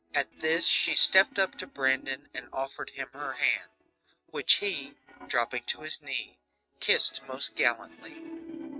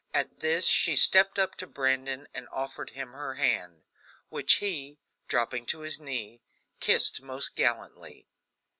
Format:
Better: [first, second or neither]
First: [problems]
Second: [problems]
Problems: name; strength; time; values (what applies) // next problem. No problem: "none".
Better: second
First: noise reduction (neural mask model RNNoise)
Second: none